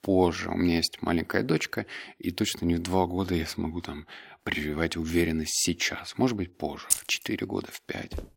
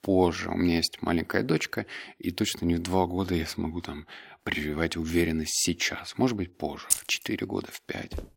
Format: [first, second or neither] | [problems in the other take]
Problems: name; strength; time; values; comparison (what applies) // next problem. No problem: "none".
neither | jangling keys; loud; at 7 s; peak 2 dB above the speech; the same in both // footsteps; very faint; at 8 s; peak 15 dB below the speech; the same in both